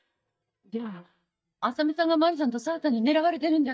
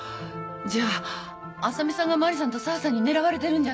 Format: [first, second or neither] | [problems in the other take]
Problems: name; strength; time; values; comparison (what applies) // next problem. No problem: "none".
second | noise reduction (neural mask model DeepFilterNet 3)